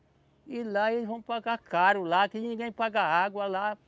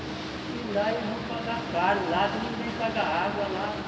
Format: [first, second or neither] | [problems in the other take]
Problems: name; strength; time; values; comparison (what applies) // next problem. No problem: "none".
first | background sound (Boat, Water vehicle); 5 dB below the speech // room echo; dies away in 2.5 s